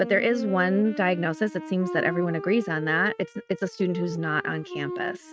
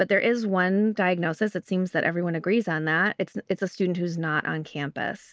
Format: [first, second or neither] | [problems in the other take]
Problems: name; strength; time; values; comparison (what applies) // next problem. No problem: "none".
second | noise reduction (neural mask model RNNoise)